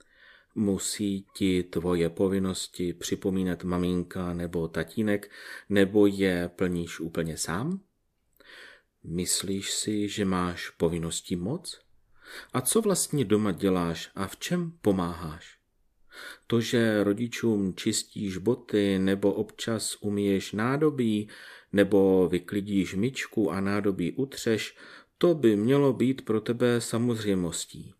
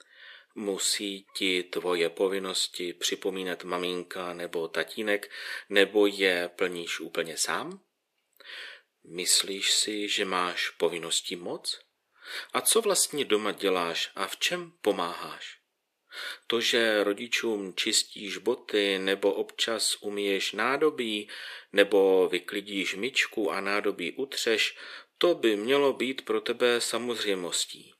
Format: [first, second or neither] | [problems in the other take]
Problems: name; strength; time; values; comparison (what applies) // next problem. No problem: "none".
first | thin; somewhat; fading below 500 Hz